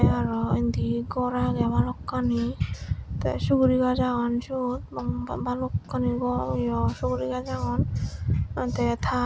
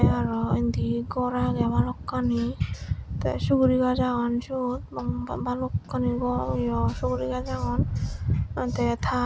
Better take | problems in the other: first | background sound (Wind); 12 dB below the speech

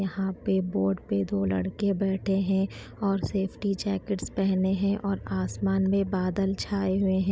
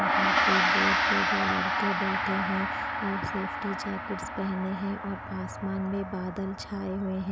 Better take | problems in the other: first | background sound (Gong); 4 dB above the speech

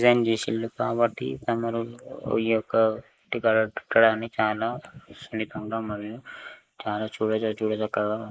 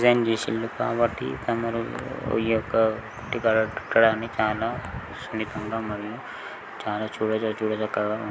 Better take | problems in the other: second | noise reduction (neural mask model Resemble Enhance denoiser)

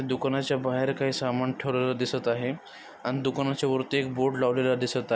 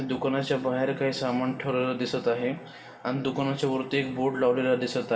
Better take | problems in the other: first | room echo; dies away in 1 s

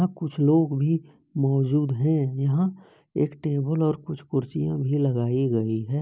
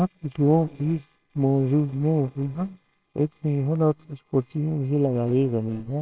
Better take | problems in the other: first | noise reduction (neural separator model SepFormer WHAMR!)

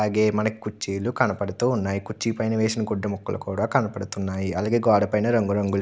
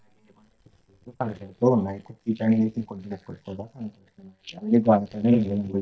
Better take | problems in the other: first | noise reduction (neural mask model DeepFilterNet 3)

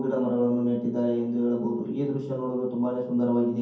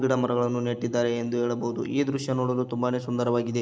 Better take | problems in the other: second | room echo; dies away in 0.6 s

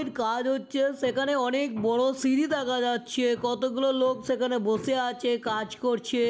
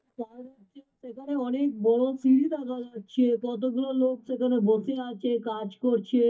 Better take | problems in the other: first | noise reduction (neural mask model DeepFilterNet 3)

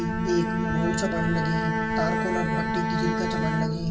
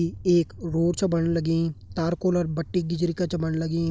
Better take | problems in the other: second | background sound (Bowed string instrument); 1 dB below the speech // room echo; dies away in 2.1 s

